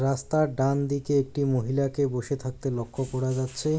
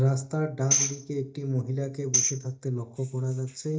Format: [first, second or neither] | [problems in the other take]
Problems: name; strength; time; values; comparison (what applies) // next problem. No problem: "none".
first | noise reduction (neural mask model DeepFilterNet 3)